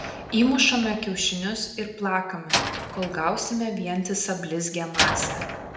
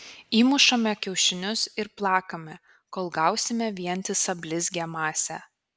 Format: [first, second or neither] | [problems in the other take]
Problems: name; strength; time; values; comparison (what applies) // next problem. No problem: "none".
second | background sound (Slam); 5 dB below the speech // room echo; dies away in 0.8 s